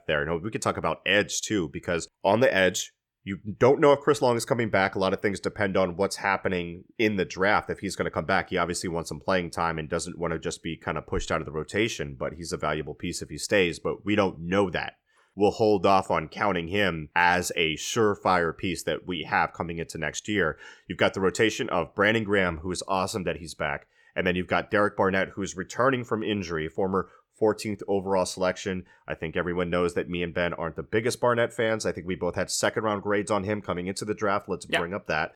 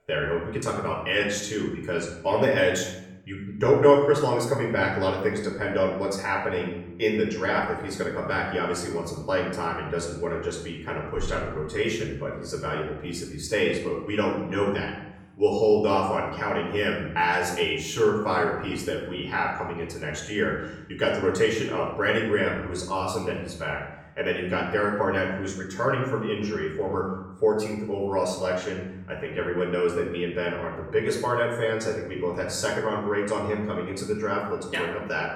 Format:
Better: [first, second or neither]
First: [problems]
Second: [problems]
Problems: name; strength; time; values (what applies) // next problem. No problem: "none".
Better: first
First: none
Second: off-mic speech; far // room echo; noticeable; dies away in 0.8 s